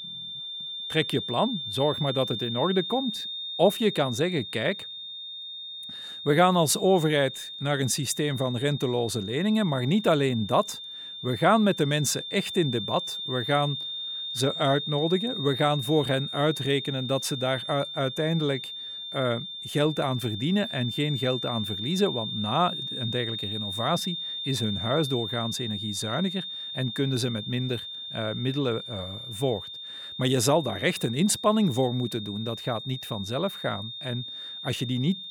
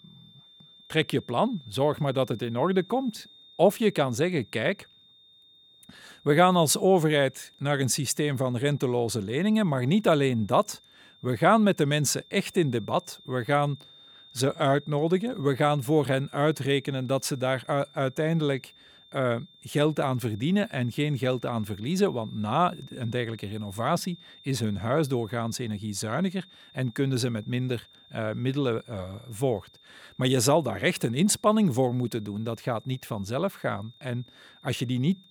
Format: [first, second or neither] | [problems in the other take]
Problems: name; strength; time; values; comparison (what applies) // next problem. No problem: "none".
second | high-pitched whine; loud; throughout; 3.5 kHz, 6 dB below the speech; faint in the second